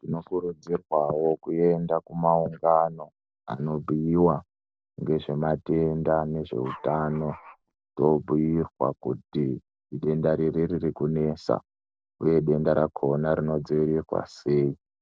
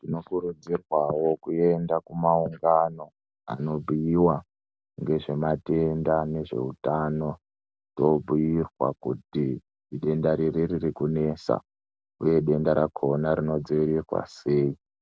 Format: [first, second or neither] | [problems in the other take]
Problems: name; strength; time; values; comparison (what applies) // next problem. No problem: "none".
second | noise reduction (neural separator model SepFormer DNS4)